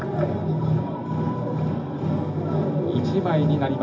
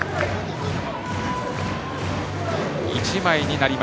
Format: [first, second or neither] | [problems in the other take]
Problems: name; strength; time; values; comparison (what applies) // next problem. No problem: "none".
second | background sound (Acoustic guitar / Strum); 19 dB below the speech // room echo; dies away in 0.4 s